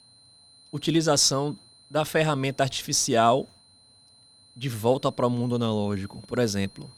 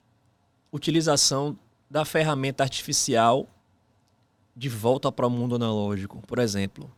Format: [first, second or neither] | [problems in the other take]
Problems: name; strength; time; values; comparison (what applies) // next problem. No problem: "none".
second | high-pitched whine; faint; throughout; 4 kHz, 30 dB below the speech